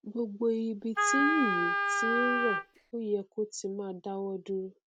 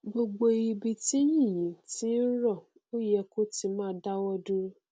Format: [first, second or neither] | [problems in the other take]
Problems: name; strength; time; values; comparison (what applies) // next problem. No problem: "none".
second | background sound (Wind instrument, woodwind instrument); 3 dB above the speech